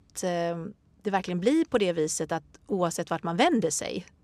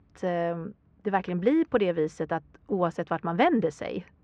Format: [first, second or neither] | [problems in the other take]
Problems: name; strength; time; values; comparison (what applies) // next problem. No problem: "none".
first | muffled; very; fading above 2 kHz